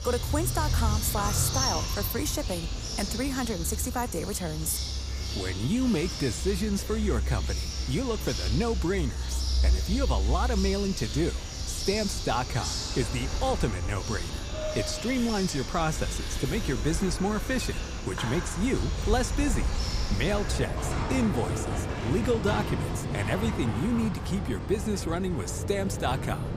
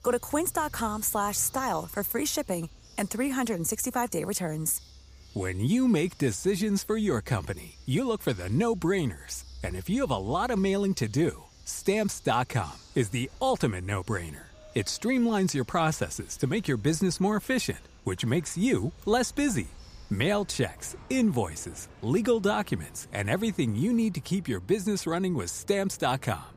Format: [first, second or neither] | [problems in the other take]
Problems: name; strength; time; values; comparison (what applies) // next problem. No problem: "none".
second | animal sounds; loud; throughout; 1 dB below the speech; faint in the second